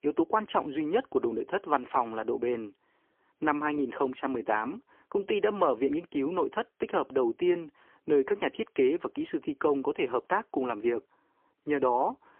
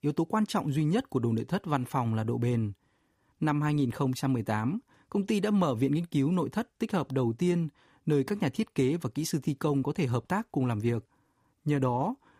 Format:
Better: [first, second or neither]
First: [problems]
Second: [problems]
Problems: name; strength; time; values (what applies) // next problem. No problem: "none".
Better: second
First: phone-call audio; poor line; nothing above 3 kHz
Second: none